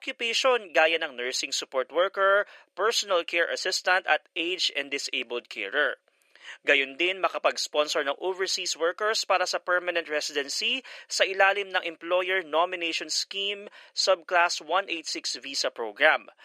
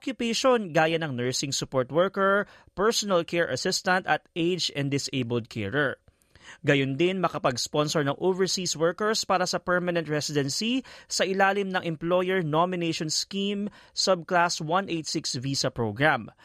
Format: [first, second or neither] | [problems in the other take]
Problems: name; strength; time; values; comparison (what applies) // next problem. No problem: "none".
second | thin; very; fading below 350 Hz